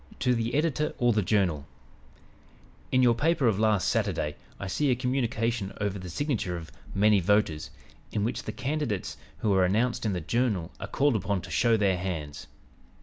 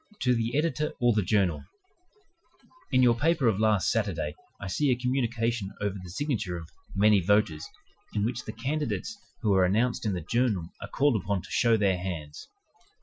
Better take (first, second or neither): first